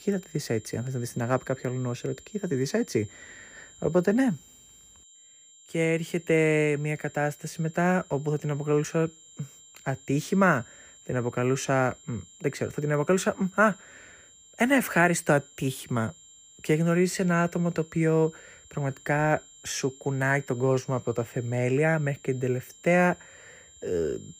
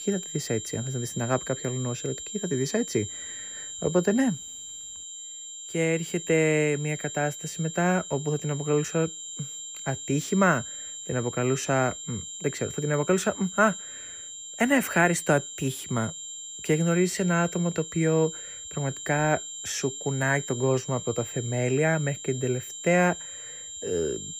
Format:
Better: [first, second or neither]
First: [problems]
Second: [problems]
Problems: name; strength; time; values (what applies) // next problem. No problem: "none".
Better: first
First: high-pitched whine; faint; throughout; 7.5 kHz, 25 dB below the speech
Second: high-pitched whine; loud; throughout; 7.5 kHz, 9 dB below the speech